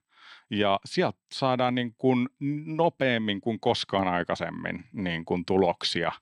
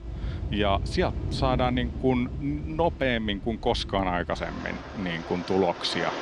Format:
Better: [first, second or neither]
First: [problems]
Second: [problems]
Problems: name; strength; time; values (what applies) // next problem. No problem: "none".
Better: first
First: none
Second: rain or running water; loud; throughout; 8 dB below the speech